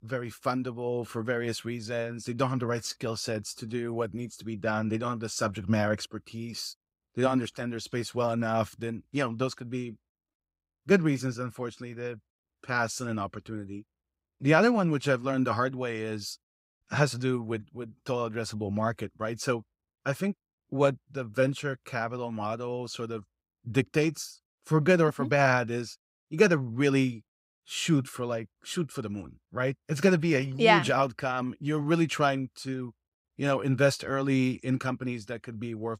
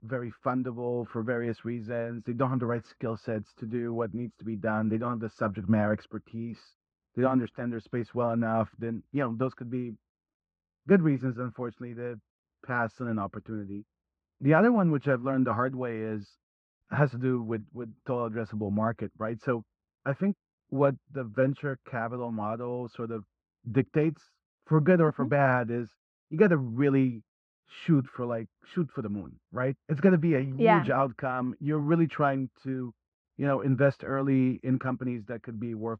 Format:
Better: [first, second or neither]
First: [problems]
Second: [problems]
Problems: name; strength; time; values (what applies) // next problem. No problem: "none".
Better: first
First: none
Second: muffled; very; fading above 1.5 kHz